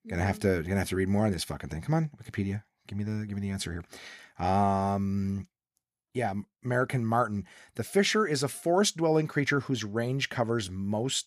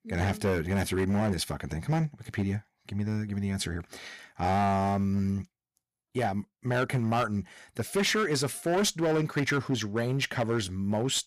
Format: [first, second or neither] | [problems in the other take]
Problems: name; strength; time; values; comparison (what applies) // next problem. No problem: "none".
first | distortion; slight; 9% of the sound clipped